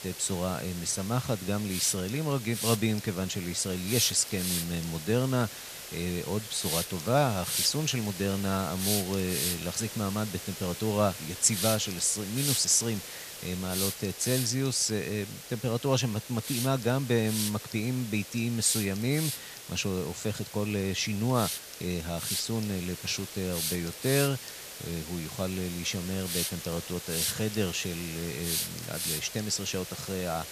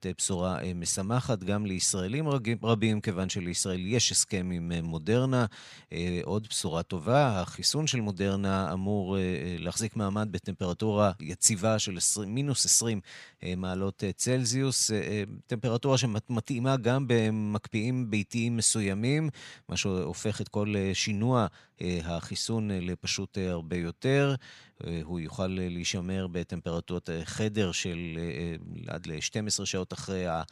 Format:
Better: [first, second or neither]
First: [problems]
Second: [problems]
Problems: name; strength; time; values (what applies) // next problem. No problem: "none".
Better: second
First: hiss; loud; throughout; 5 dB below the speech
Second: none